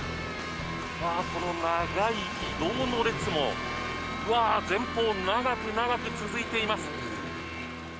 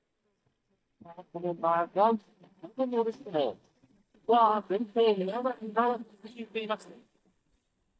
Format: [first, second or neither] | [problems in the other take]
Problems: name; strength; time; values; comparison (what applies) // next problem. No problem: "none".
first | noise reduction (neural mask model DeepFilterNet 3)